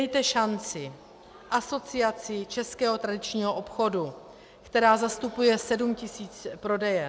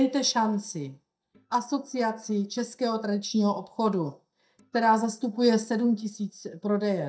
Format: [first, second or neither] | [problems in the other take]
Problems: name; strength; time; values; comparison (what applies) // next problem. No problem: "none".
first | noise reduction (neural mask model DeepFilterNet 3)